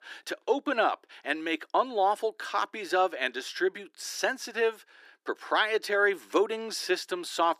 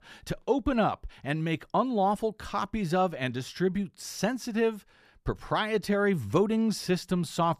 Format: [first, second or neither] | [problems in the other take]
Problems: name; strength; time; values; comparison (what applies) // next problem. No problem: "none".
second | thin; very; fading below 300 Hz